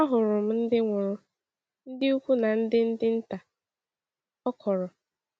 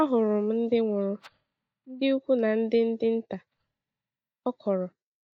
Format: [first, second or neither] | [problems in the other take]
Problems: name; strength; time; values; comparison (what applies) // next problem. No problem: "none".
first | noise reduction (neural mask model DeepFilterNet 3)